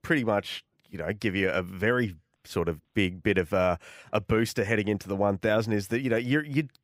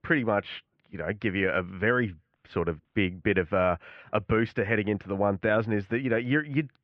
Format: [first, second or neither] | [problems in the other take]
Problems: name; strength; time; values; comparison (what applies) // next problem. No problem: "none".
first | muffled; very; fading above 3 kHz